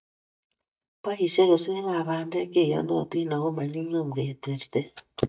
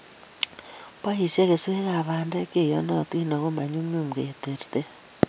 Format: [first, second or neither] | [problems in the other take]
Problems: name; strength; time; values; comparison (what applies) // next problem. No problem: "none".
second | noise reduction (neural mask model DeepFilterNet 3)